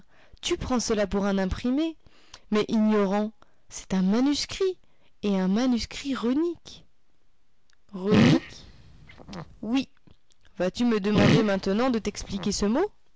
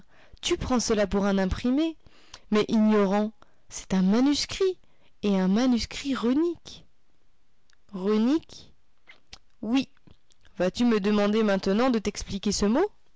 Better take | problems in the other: second | background sound (Fart); as loud as the speech

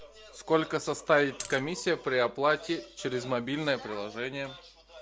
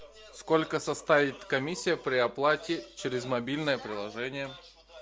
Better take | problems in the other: second | background sound (Coin (dropping)); 11 dB below the speech

